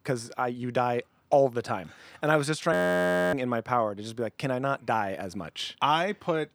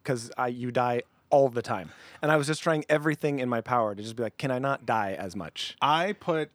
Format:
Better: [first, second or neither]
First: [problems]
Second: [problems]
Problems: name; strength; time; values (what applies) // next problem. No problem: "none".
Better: second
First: audio freezing; at 2.5 s for 0.5 s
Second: none